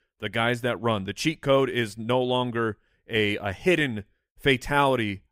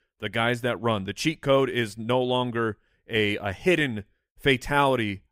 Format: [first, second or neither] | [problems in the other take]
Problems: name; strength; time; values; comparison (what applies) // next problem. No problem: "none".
neither | none